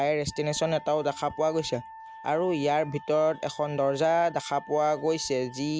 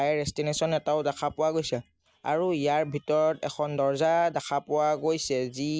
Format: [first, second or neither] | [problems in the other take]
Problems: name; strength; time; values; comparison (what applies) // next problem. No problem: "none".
second | background sound (Wind instrument, woodwind instrument); 19 dB below the speech